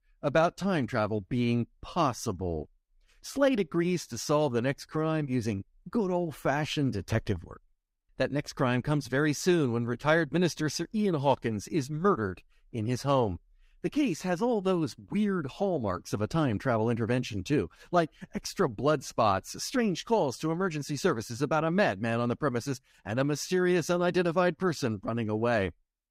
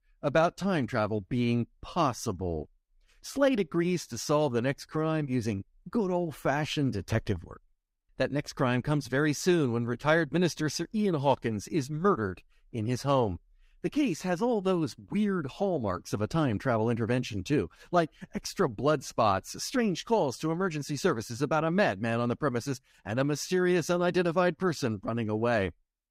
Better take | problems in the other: neither | none

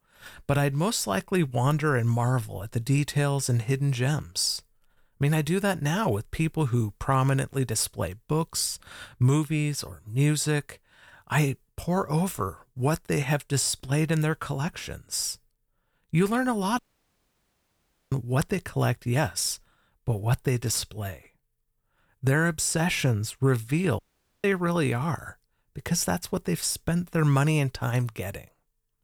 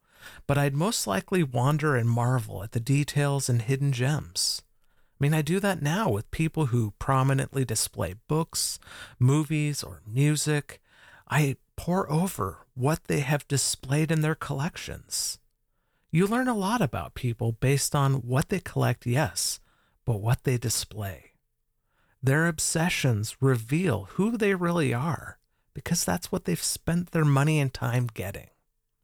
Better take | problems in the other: second | audio cutting out; at 17 s for 1.5 s and at 24 s

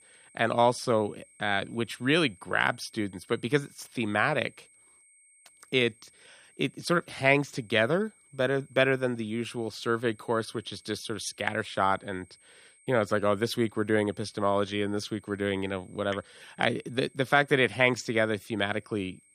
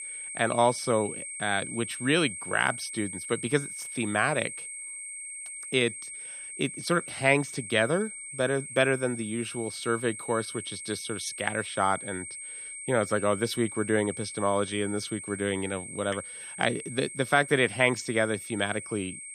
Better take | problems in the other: first | high-pitched whine; loud; throughout; 8.5 kHz, 9 dB below the speech; faint in the first

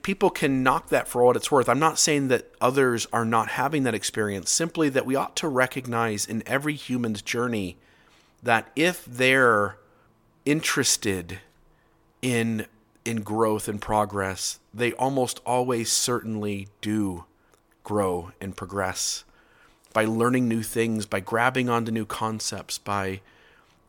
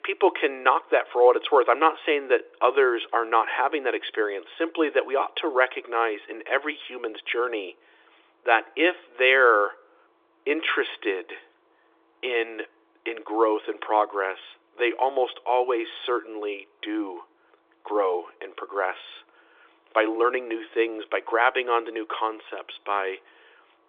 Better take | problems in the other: first | phone-call audio; nothing above 3.5 kHz

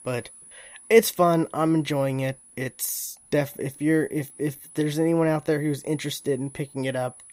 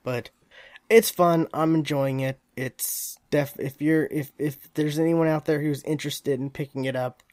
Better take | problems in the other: second | high-pitched whine; faint; throughout; 10 kHz, 20 dB below the speech

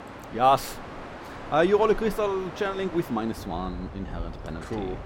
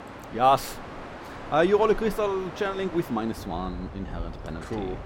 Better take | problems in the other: neither | train or aircraft noise; noticeable; throughout; 15 dB below the speech; the same in both

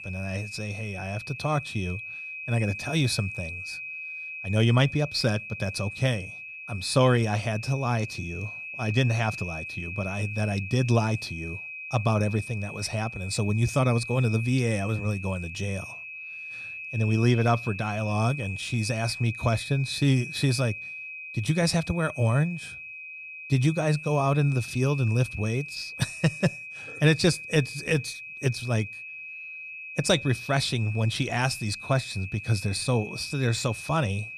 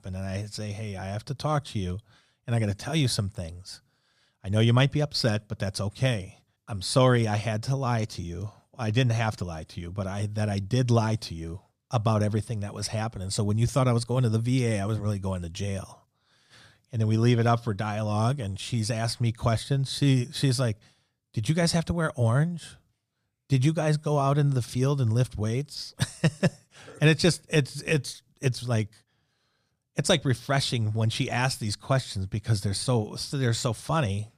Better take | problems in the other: second | high-pitched whine; loud; throughout; 2.5 kHz, 10 dB below the speech

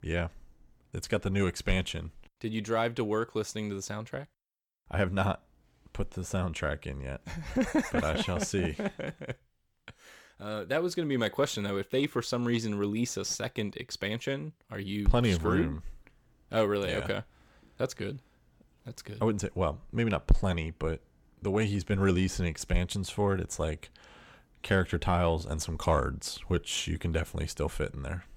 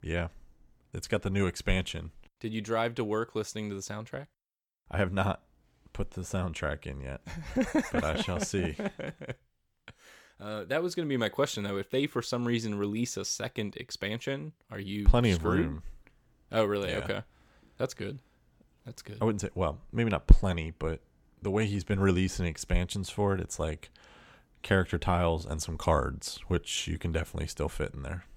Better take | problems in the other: second | distortion; slight; 10 dB below the speech

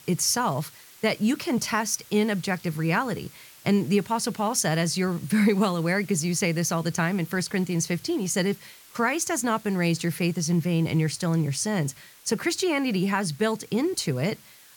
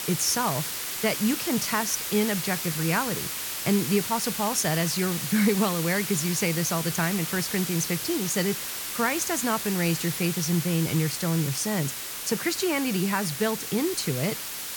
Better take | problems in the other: first | hiss; loud; throughout; 3 dB below the speech; faint in the first

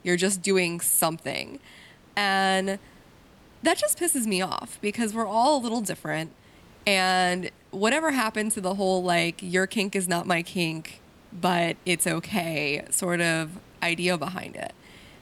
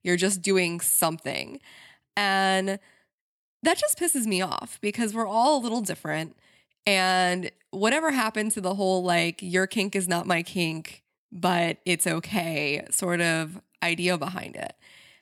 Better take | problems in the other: second | hiss; faint; throughout; 30 dB below the speech

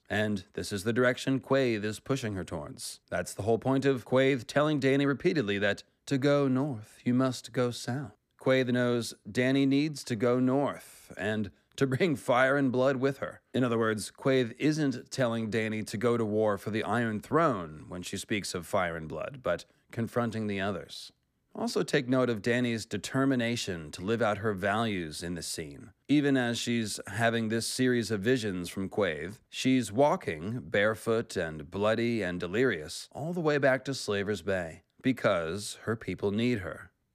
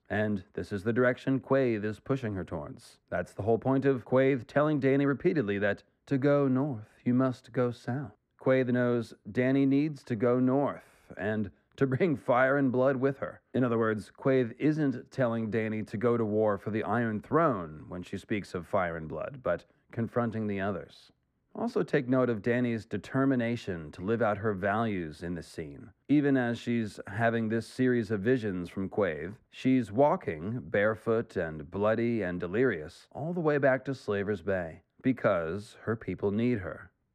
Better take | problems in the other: first | muffled; slightly; fading above 3 kHz

